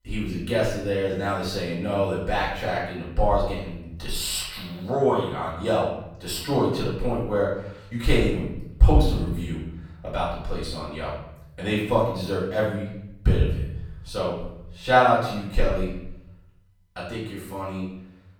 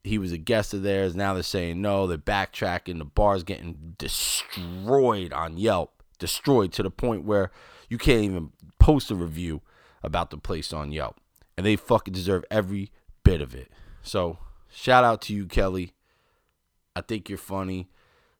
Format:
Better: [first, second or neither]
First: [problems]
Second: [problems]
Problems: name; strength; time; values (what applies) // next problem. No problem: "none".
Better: second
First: off-mic speech; far // room echo; noticeable; dies away in 0.8 s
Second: none